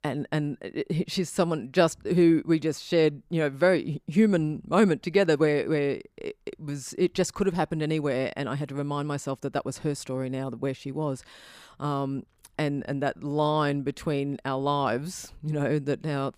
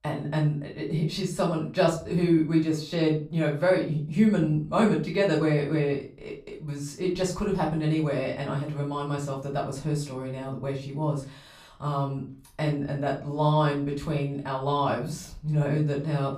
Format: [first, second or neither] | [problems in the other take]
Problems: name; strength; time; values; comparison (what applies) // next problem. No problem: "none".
first | off-mic speech; far // room echo; slight; dies away in 0.3 s